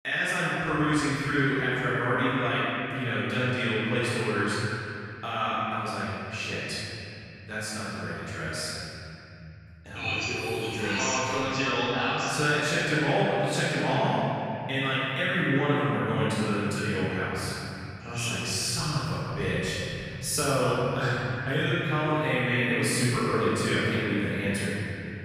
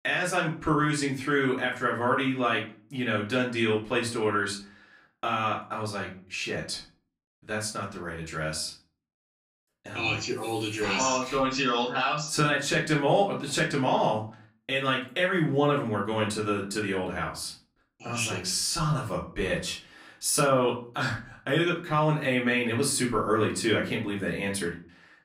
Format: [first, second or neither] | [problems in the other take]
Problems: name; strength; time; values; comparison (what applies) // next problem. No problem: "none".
second | room echo; strong; dies away in 3 s; slight in the second // off-mic speech; far; far in the second